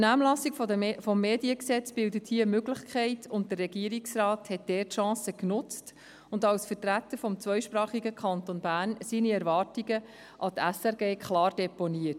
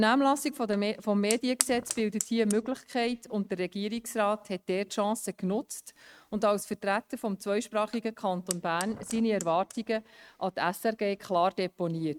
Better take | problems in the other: first | noise reduction (neural mask model RNNoise)

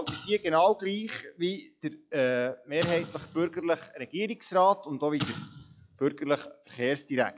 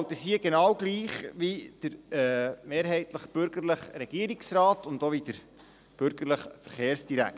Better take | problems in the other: second | noise reduction (classical method log-MMSE)

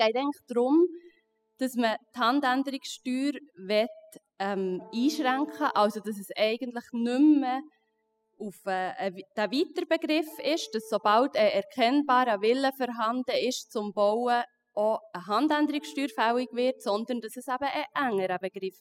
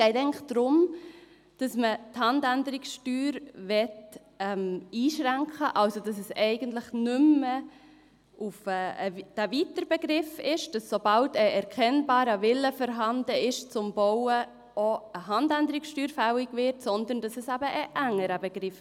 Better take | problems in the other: second | noise reduction (classical method spectral subtraction)

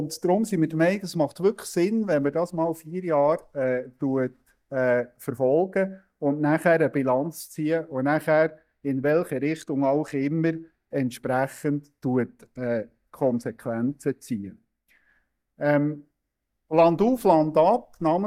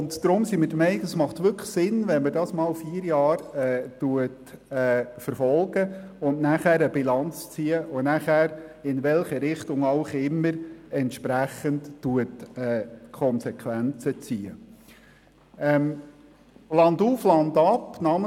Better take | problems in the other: second | noise reduction (neural mask model DeepFilterNet 3)

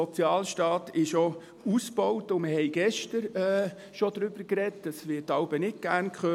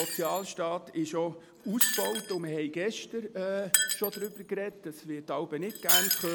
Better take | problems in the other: first | background sound (Shatter); as loud as the speech

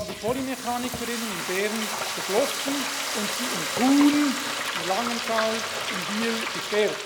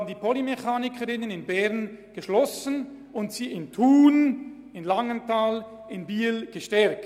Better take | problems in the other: second | background sound (Frying (food)); 3 dB below the speech

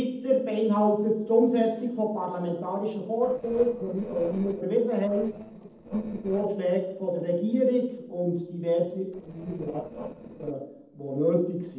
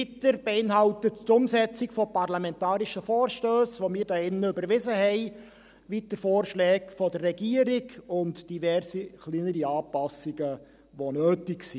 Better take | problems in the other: second | noise reduction (neural separator model SepFormer DNS4)

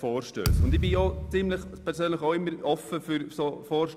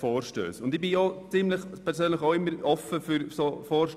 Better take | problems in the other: second | background sound (Thump, thud); 1 dB below the speech

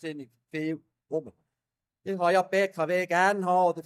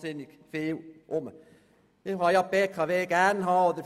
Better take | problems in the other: second | noise reduction (neural mask model DeepFilterNet 3)

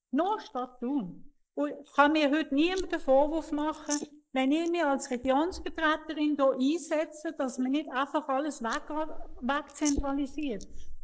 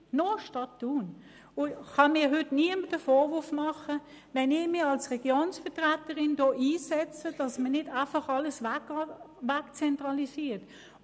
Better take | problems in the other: second | noise reduction (neural mask model Resemble Enhance denoiser)

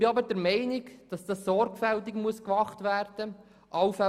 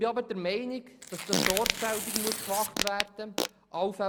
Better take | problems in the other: first | background sound (Tearing + Fart); as loud as the speech

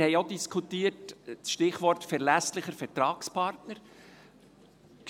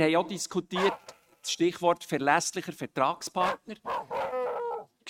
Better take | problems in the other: first | noise reduction (neural mask model RNNoise)

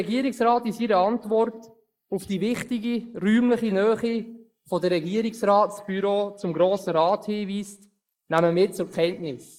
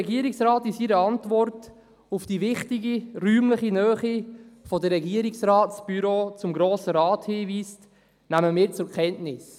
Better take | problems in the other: second | noise reduction (neural mask model Resemble Enhance denoiser)

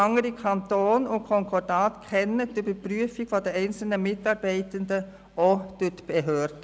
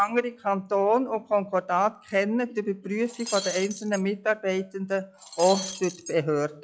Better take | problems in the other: first | noise reduction (classical method log-MMSE)

